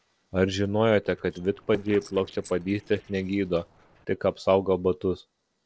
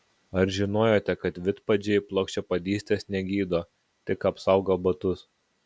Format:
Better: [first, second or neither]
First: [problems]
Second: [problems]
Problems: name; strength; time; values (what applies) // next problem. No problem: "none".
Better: second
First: noise reduction (neural separator model SepFormer DNS4)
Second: none